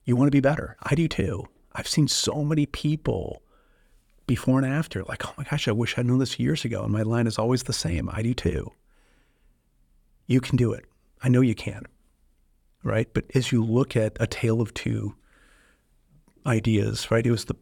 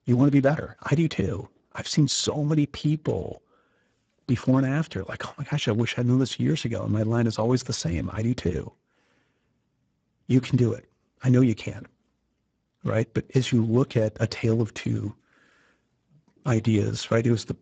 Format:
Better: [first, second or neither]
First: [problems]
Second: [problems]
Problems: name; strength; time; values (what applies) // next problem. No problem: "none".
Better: first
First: none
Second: garbled, watery; badly; nothing above 7.5 kHz